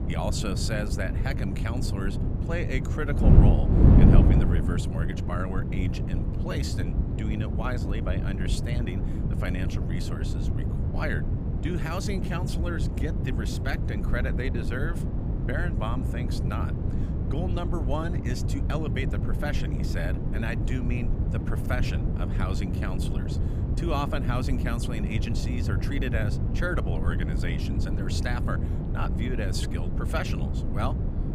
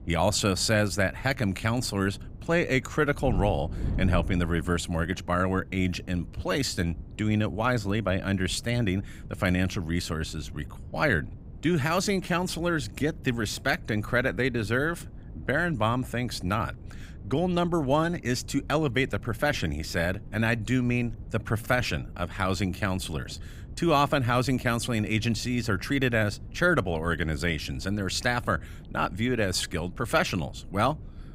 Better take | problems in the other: second | wind noise on the microphone; heavy; 3 dB below the speech; occasional gusts in the second

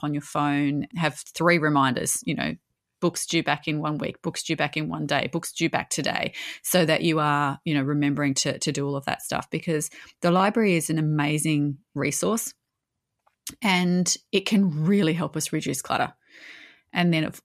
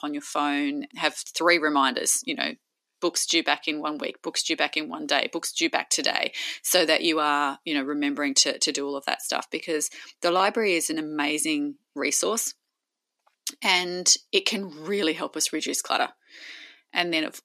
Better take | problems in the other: first | thin; very slightly; fading below 250 Hz

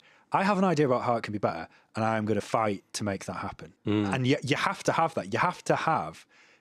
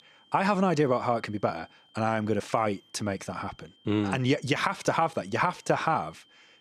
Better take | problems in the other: first | high-pitched whine; faint; throughout; 3 kHz, 30 dB below the speech

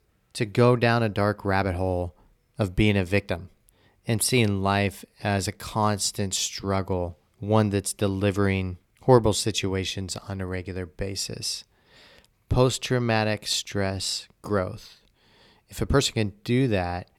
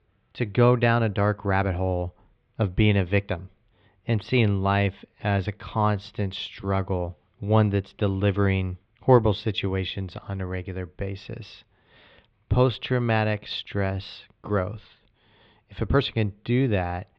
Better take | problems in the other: first | muffled; very; fading above 3.5 kHz

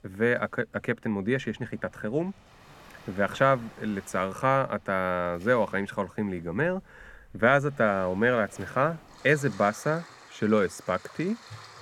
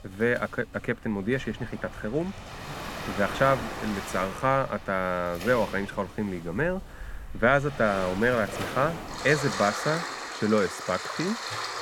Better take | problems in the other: first | rain or running water; loud; throughout; 8 dB below the speech; faint in the first

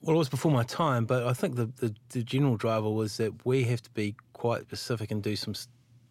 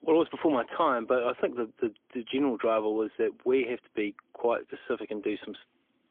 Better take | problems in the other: first | phone-call audio; poor line; nothing above 3.5 kHz

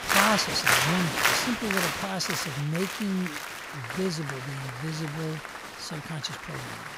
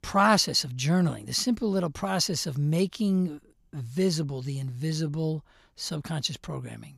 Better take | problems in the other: second | crowd noise; very loud; throughout; 3 dB above the speech

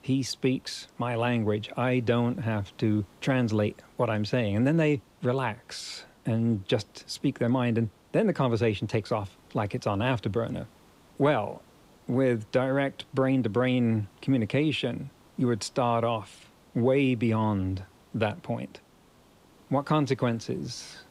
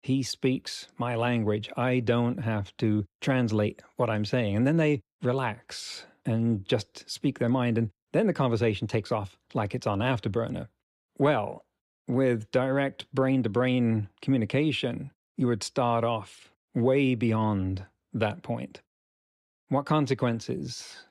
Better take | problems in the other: second | hiss; faint; throughout; 30 dB below the speech

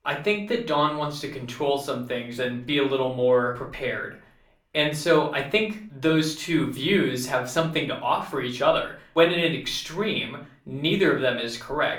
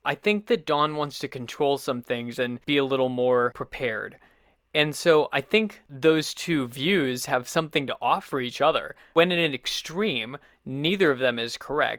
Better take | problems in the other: second | room echo; slight; dies away in 0.3 s // off-mic speech; somewhat distant

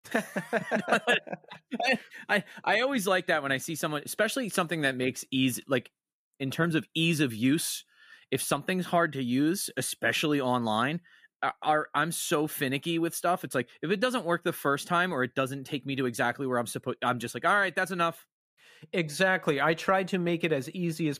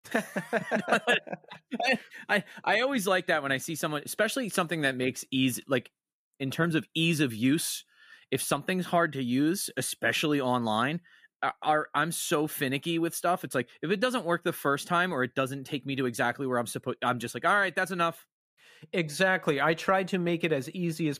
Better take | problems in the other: neither | none

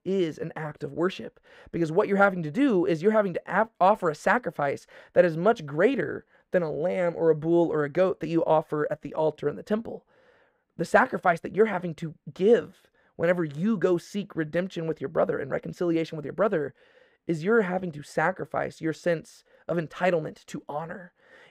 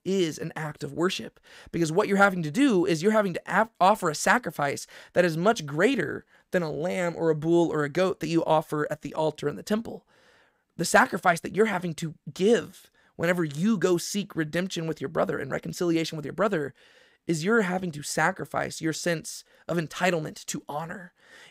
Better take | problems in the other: second | muffled; slightly; fading above 3.5 kHz

